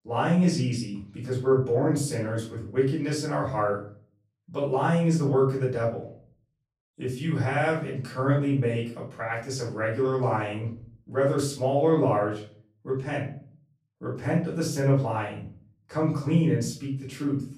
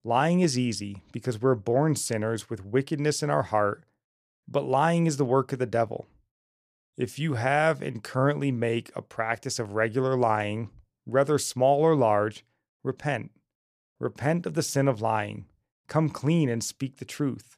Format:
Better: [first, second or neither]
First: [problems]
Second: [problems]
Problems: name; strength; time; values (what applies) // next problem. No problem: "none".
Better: second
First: off-mic speech; far // room echo; noticeable; dies away in 0.4 s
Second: none